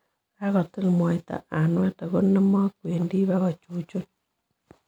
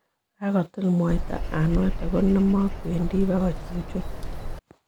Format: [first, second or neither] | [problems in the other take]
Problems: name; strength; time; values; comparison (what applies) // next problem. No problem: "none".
first | background sound (Bird vocalization, bird call, bird song); 4 dB below the speech